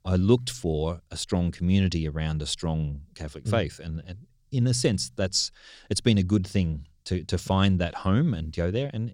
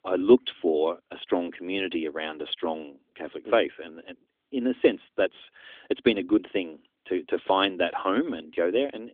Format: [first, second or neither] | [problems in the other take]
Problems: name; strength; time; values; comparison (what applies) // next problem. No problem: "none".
first | phone-call audio; nothing above 3.5 kHz